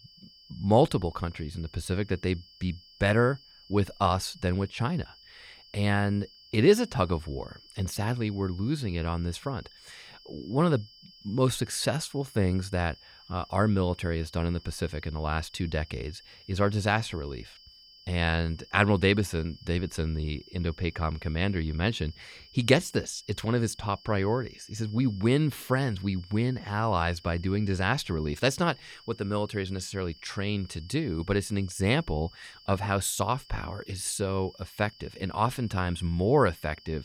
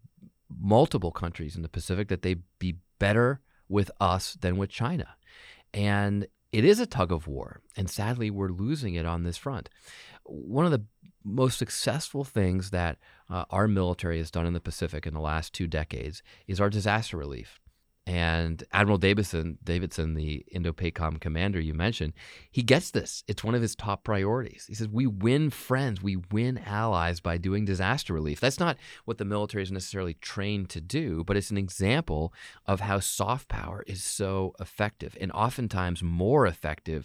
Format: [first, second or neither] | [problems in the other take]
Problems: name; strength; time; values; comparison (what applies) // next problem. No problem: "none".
second | high-pitched whine; faint; throughout; 5 kHz, 20 dB below the speech